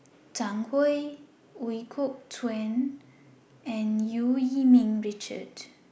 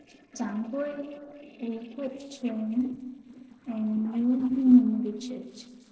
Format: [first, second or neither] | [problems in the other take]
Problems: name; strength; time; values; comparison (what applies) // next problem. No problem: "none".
first | noise reduction (neural separator model SepFormer DNS4)